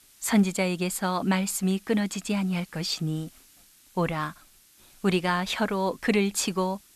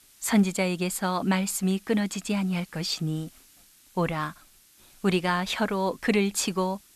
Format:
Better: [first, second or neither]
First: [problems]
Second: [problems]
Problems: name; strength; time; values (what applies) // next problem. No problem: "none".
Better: neither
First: hiss; faint; throughout; 25 dB below the speech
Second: hiss; faint; throughout; 25 dB below the speech